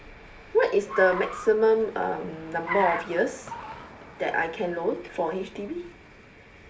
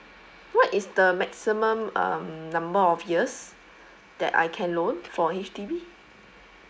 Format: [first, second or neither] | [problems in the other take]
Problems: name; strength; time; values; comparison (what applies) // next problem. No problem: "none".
second | background sound (Car); 11 dB below the speech // room echo; dies away in 0.3 s